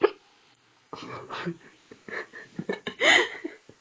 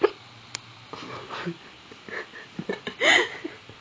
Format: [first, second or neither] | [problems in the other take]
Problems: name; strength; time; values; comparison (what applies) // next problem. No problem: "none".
second | noise reduction (neural mask model Resemble Enhance denoiser)